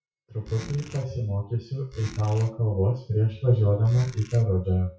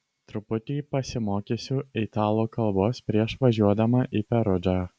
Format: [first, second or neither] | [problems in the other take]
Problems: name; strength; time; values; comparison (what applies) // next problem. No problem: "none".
second | noise reduction (classical method WPE with log-MMSE)